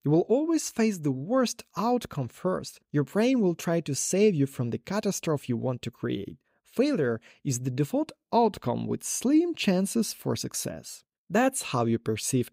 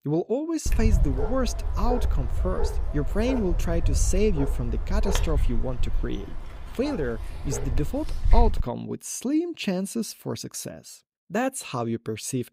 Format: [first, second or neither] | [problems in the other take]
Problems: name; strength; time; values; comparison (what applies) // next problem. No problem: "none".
first | dog barking; loud; from 0.5 to 8.5 s; peak 5 dB above the speech